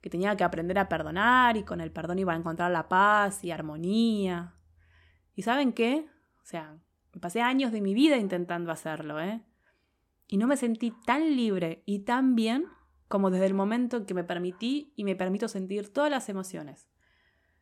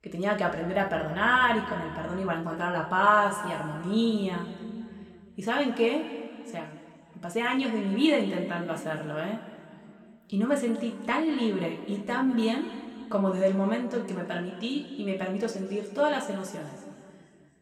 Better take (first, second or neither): first